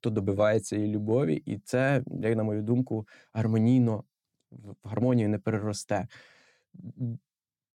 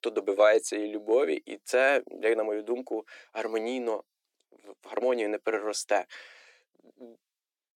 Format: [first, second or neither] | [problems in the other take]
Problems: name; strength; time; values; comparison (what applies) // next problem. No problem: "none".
first | thin; very; fading below 350 Hz